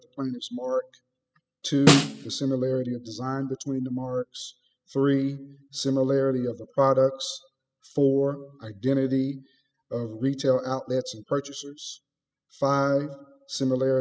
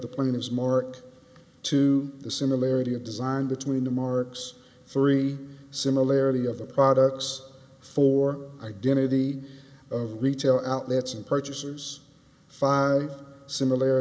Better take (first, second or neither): second